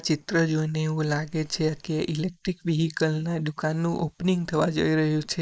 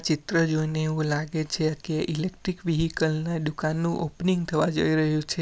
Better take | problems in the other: second | noise reduction (neural mask model Resemble Enhance denoiser)

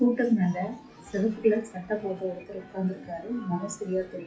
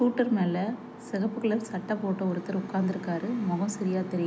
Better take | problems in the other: second | noise reduction (classical method WPE with log-MMSE)

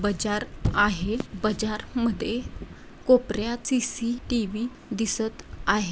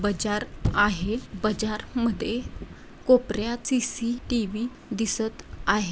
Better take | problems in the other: second | background sound (Fireworks); 19 dB below the speech

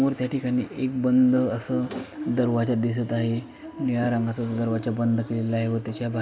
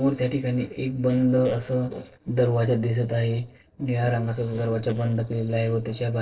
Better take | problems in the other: first | noise reduction (neural separator model SepFormer DNS4)

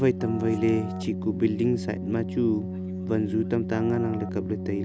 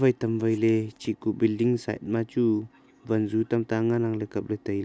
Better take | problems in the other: second | background sound (Keyboard (musical)); 6 dB below the speech

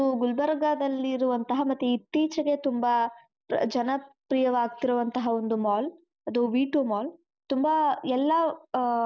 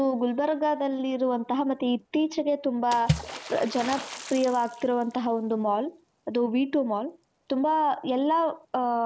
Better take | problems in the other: first | background sound (Water / Splash, splatter); 13 dB below the speech

